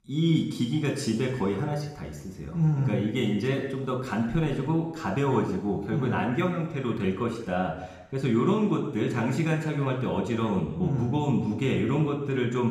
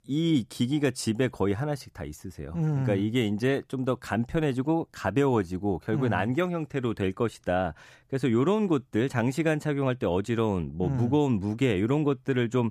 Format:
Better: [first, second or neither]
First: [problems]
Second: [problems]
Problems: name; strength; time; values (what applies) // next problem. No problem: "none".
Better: second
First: room echo; noticeable; dies away in 1 s // off-mic speech; somewhat distant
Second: none